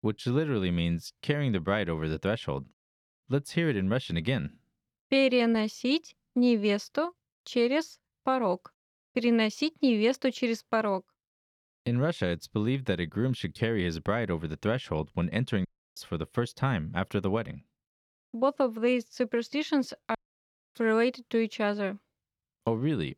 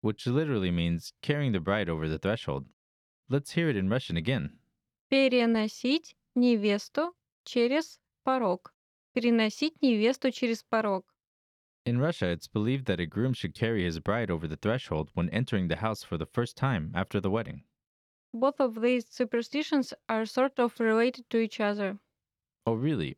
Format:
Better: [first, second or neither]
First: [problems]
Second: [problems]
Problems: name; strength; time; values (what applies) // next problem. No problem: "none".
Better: second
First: audio cutting out; at 16 s and at 20 s for 0.5 s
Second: none